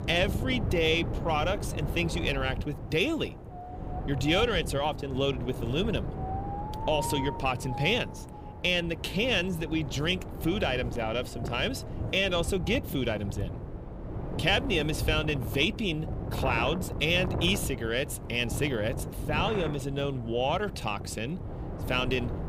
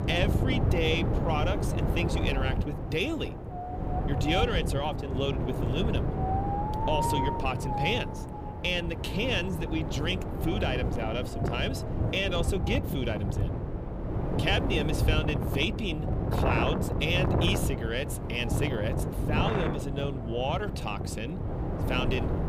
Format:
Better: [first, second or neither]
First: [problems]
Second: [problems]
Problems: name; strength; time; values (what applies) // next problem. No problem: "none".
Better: first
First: wind noise on the microphone; occasional gusts; 10 dB below the speech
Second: wind noise on the microphone; heavy; 3 dB below the speech